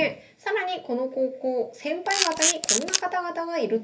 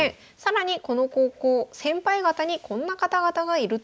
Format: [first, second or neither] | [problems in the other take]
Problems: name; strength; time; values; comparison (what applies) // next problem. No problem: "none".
second | background sound (Camera); 3 dB above the speech // room echo; dies away in 0.3 s